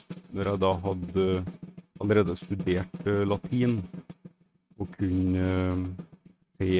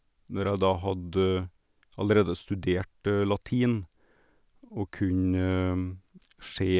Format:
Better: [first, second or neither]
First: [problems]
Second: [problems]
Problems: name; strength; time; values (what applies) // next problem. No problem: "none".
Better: second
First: noise reduction (neural mask model RNNoise)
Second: none